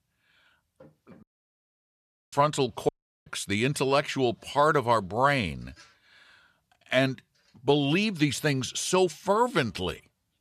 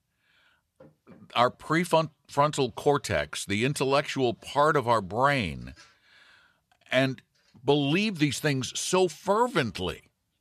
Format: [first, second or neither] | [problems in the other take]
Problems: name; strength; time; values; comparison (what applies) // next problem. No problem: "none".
second | audio cutting out; at 1 s for 1 s and at 3 s